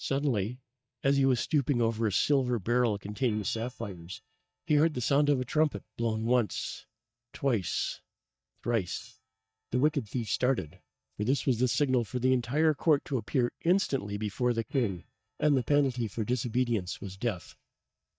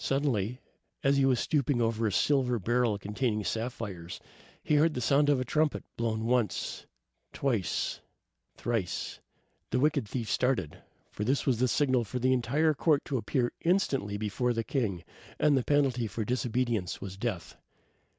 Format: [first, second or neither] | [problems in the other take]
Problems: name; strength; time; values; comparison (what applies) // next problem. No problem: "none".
second | noise reduction (neural mask model DeepFilterNet 3)